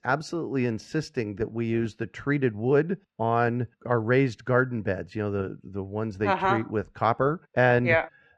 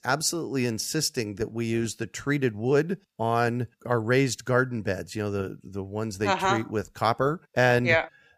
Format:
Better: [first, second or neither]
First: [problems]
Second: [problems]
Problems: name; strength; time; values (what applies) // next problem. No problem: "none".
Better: second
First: muffled; very; fading above 2.5 kHz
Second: none